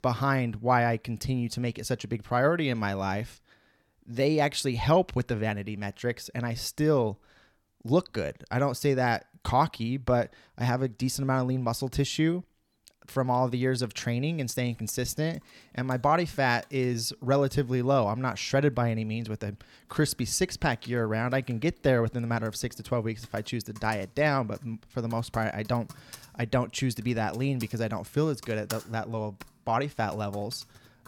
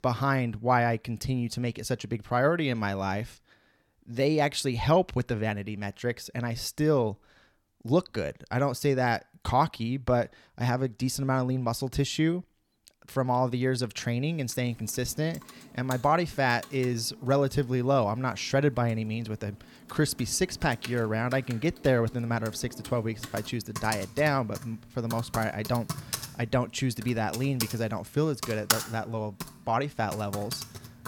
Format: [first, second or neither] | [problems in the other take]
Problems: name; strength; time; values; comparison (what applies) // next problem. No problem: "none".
first | household noises; loud; from 14 s on; 10 dB below the speech; faint in the first